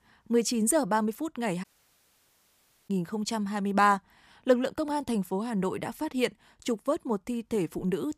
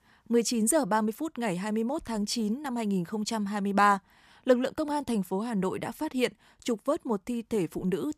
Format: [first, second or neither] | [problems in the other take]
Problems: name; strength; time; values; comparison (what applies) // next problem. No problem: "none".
second | audio cutting out; at 1.5 s for 1.5 s